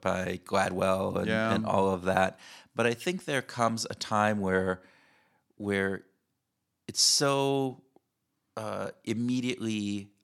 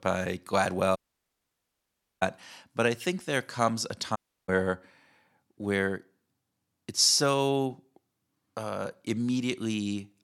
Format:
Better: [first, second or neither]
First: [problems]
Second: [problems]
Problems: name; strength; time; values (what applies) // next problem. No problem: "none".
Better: first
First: none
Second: audio cutting out; at 1 s for 1.5 s and at 4 s